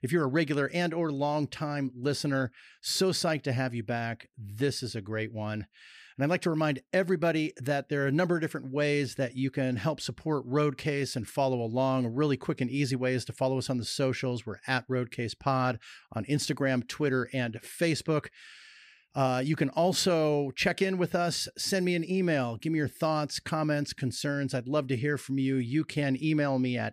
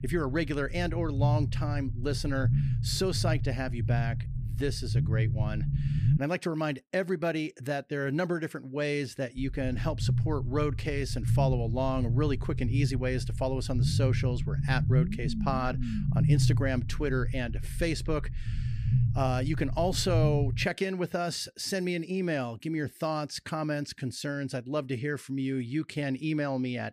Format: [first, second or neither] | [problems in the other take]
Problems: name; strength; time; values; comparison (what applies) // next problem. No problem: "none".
first | low rumble; loud; until 6 s and from 9.5 to 21 s; 9 dB below the speech